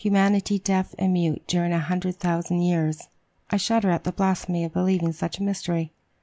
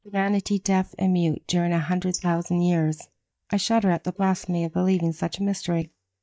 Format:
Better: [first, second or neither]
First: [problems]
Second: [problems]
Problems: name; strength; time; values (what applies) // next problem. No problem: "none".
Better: first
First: none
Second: noise reduction (neural mask model DeepFilterNet 3)